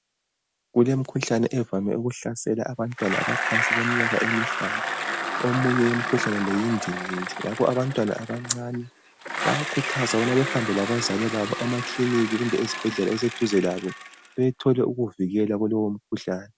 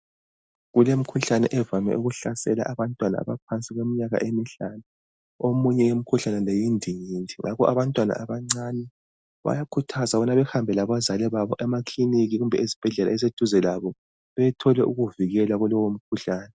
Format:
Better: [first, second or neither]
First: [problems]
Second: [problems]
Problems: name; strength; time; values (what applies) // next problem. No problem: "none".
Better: second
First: background sound (Bicycle); 5 dB below the speech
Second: none